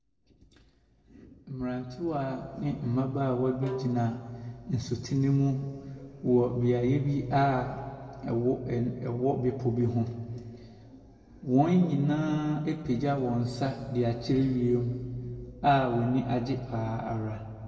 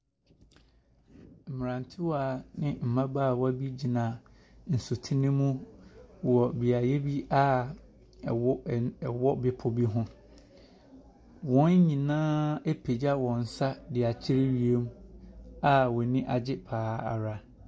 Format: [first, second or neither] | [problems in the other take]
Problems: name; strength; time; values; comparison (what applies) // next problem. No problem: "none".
second | background sound (Bowed string instrument); 16 dB below the speech // room echo; dies away in 2.1 s